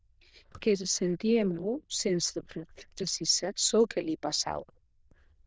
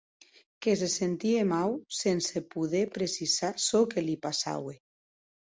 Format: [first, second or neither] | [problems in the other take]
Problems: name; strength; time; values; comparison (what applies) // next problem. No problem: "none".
second | noise reduction (neural diffusion model UNIVERSE++)